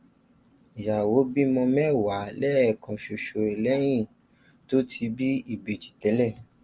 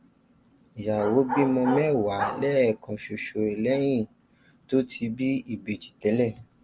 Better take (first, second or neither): first